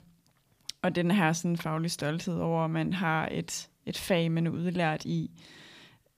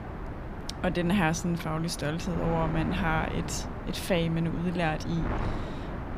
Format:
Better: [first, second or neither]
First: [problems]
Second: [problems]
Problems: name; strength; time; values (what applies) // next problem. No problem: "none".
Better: first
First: none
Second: wind noise on the microphone; heavy; 8 dB below the speech